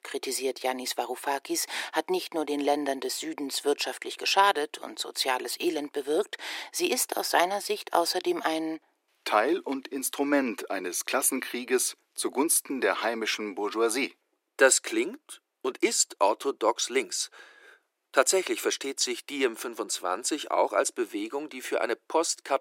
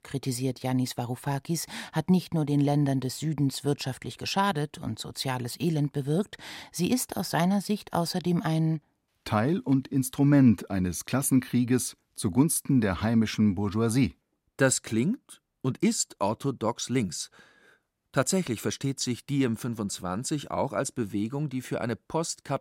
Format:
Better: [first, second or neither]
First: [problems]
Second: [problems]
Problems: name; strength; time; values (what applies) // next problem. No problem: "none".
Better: second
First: thin; very; fading below 350 Hz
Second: none